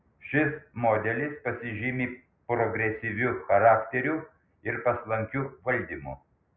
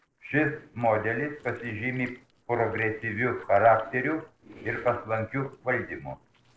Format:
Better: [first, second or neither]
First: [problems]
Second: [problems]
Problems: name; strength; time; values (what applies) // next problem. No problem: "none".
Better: first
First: none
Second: noise reduction (neural separator model SepFormer DNS4)